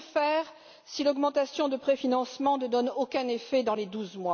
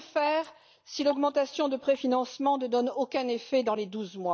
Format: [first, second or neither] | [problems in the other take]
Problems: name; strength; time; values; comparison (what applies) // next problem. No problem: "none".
first | noise reduction (neural mask model DeepFilterNet 3)